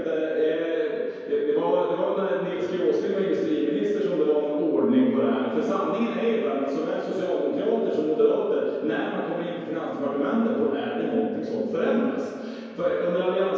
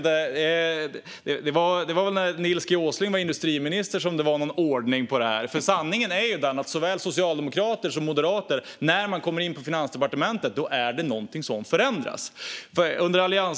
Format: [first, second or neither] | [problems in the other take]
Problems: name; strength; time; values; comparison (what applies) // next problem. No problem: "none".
second | room echo; dies away in 2.2 s